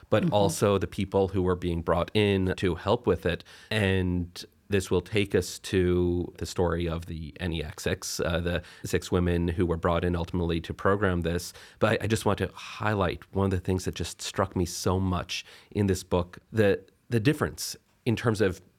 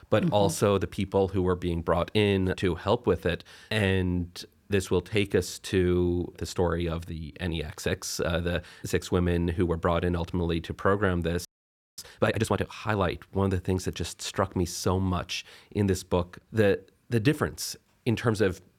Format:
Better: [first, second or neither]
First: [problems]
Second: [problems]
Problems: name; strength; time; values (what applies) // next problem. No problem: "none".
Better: first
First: none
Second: audio freezing; at 11 s for 0.5 s